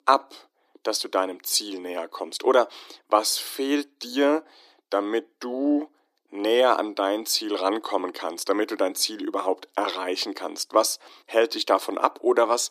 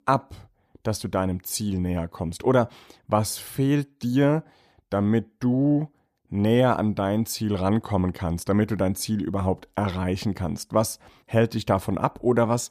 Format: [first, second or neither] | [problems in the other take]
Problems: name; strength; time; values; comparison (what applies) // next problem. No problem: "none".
second | thin; somewhat; fading below 300 Hz